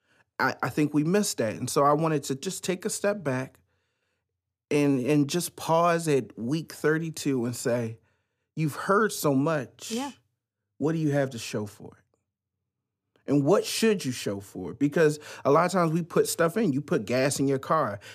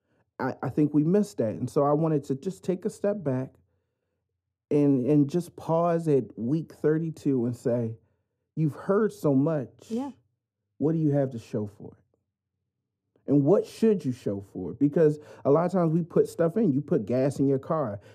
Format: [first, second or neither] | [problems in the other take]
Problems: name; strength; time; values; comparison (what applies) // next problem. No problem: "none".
first | muffled; slightly; fading above 1 kHz